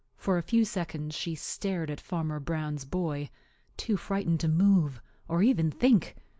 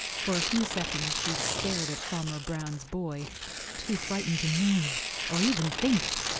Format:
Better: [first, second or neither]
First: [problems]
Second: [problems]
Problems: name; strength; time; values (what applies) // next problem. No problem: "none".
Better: first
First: none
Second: background sound (Tearing); 2 dB below the speech